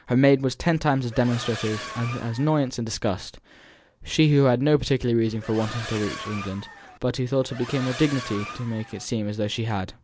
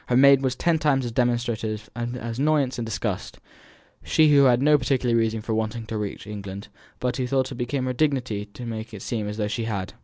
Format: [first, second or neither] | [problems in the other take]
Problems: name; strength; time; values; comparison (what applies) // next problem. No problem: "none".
second | background sound (Accelerating, revving, vroom); 13 dB below the speech